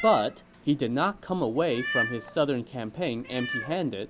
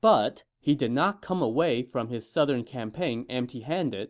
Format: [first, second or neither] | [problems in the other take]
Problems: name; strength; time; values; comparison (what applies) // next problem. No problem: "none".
second | background sound (Meow); 9 dB below the speech